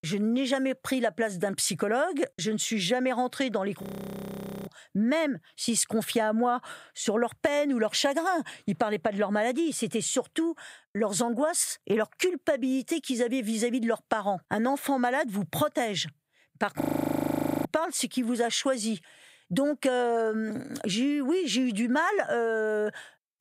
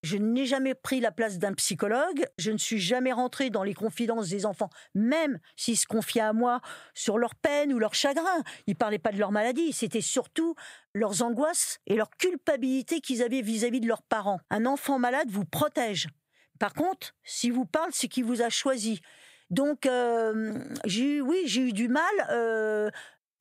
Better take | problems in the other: second | audio freezing; at 4 s for 1 s and at 17 s for 1 s

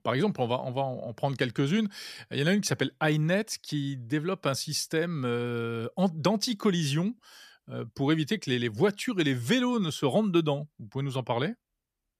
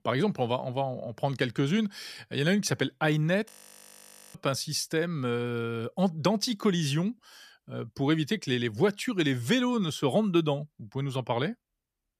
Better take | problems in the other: first | audio freezing; at 3.5 s for 1 s

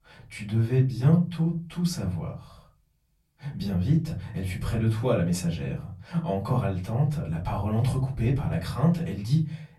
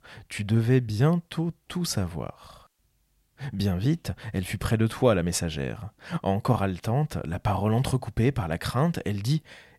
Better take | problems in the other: second | off-mic speech; far // room echo; very slight; dies away in 0.4 s

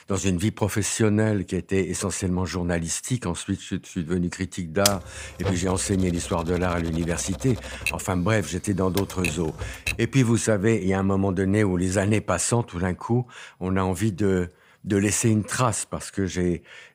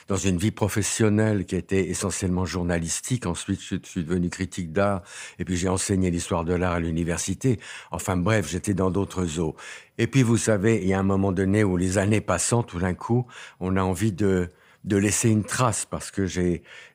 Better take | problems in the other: second | keyboard typing; loud; from 5 to 10 s; peak level with the speech

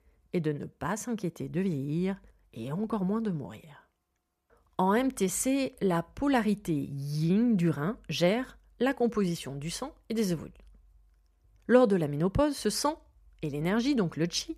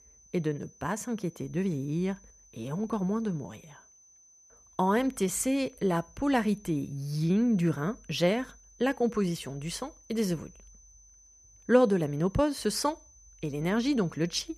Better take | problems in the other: first | high-pitched whine; faint; throughout; 6 kHz, 25 dB below the speech

